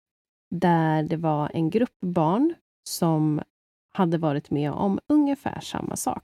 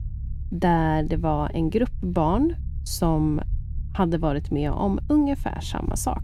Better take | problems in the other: first | low rumble; faint; throughout; 25 dB below the speech

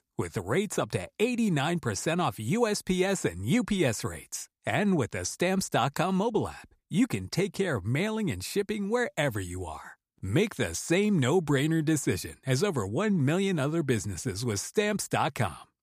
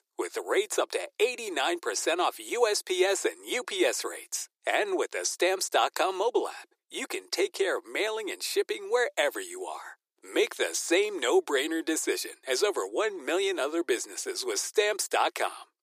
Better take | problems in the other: first | thin; very; fading below 350 Hz

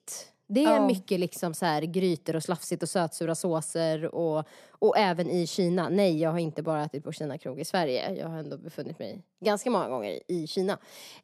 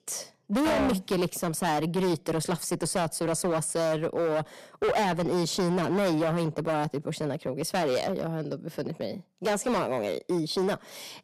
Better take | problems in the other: first | distortion; heavy; 16% of the sound clipped

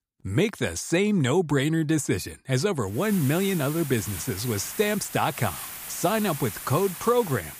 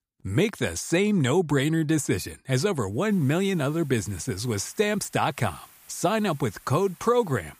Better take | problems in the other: second | hiss; loud; from 3 s on; 10 dB below the speech; faint in the second

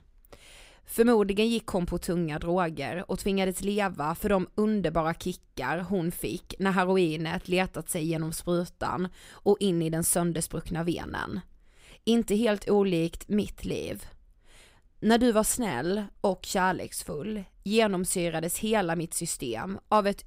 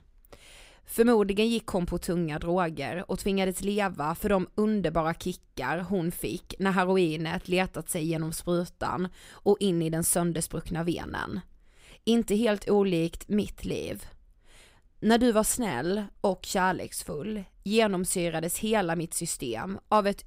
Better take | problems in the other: neither | none

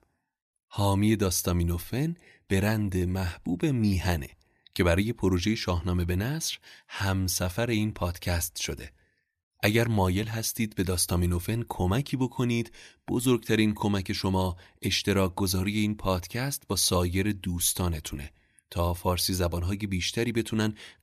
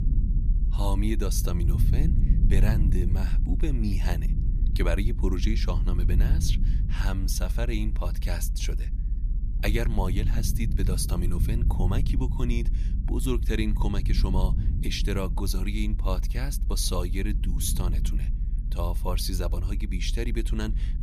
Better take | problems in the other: first | low rumble; loud; throughout; 9 dB below the speech

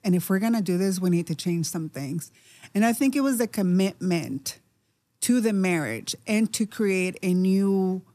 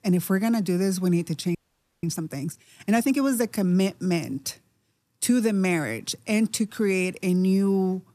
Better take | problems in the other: first | audio freezing; at 1.5 s

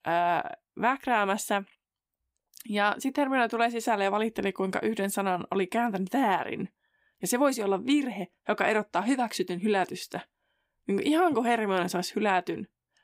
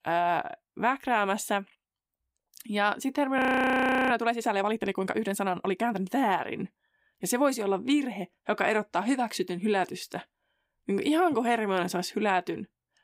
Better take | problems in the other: first | audio freezing; at 3.5 s for 0.5 s

